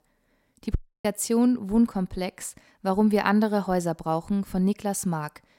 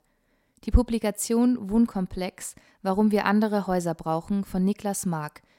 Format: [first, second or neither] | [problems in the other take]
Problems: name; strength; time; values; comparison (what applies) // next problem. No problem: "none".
second | audio cutting out; at 1 s